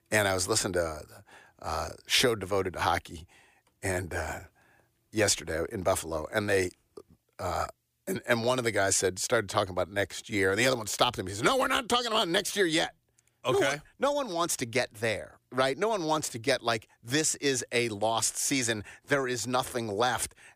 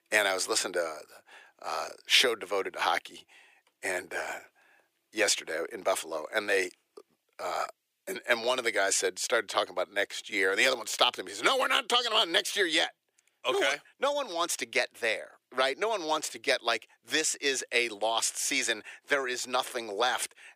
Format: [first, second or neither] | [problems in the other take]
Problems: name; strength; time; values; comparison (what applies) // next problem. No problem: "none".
first | thin; somewhat; fading below 450 Hz